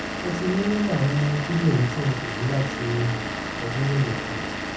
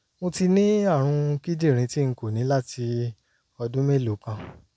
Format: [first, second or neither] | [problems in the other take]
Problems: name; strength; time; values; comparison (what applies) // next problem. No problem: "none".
second | background sound (Engine / Vehicle); 5 dB below the speech // room echo; dies away in 0.6 s